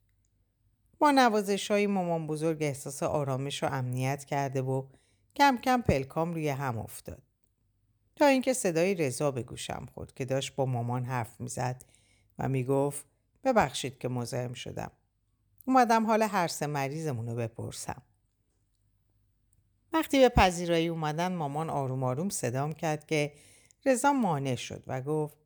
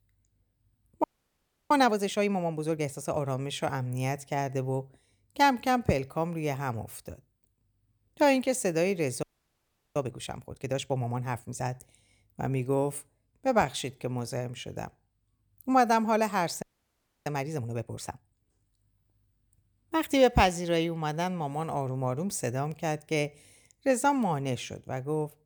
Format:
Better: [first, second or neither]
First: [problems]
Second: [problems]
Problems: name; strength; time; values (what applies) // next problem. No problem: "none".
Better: first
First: none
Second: audio freezing; at 1 s for 0.5 s, at 9 s for 0.5 s and at 17 s for 0.5 s